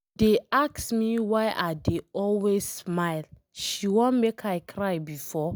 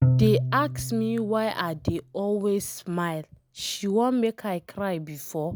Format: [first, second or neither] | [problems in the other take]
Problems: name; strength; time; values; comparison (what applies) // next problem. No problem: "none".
first | background sound (Bowed string instrument); 2 dB below the speech